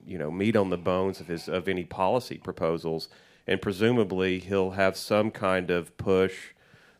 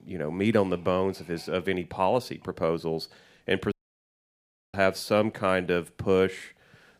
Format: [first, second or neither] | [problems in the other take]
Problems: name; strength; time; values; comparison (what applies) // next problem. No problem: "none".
first | audio cutting out; at 3.5 s for 1 s